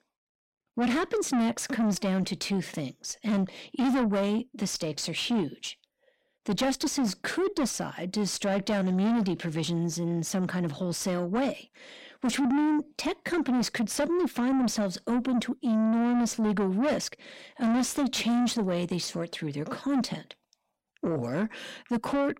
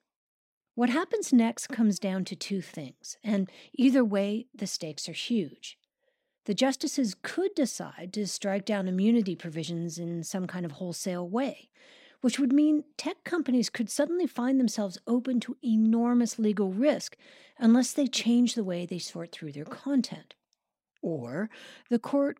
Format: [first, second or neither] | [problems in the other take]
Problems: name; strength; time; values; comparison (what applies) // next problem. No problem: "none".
second | distortion; heavy; 7 dB below the speech